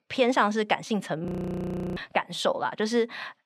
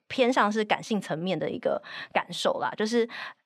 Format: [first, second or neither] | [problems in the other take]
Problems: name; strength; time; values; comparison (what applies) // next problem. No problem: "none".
second | audio freezing; at 1.5 s for 0.5 s